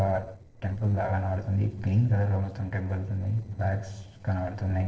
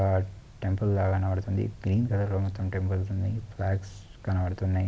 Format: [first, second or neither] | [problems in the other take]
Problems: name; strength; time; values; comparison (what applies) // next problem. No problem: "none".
second | noise reduction (neural separator model SepFormer DNS4)